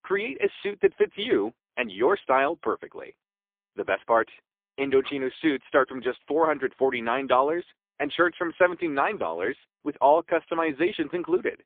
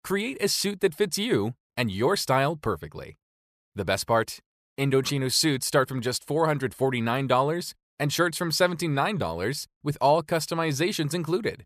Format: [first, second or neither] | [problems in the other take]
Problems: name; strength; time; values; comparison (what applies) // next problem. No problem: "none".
second | phone-call audio; poor line; nothing above 3.5 kHz